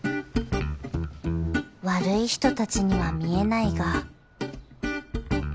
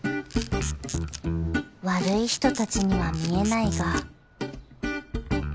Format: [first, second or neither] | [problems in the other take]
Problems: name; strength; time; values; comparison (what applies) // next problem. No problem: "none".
first | background sound (Camera); 13 dB below the speech